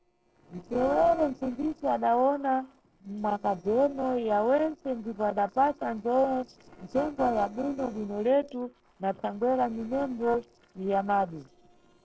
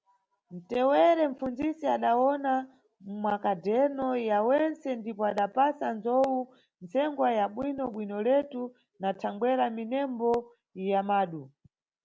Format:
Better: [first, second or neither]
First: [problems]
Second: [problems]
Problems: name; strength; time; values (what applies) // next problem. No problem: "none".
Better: second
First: noise reduction (neural separator model SepFormer DNS4)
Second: none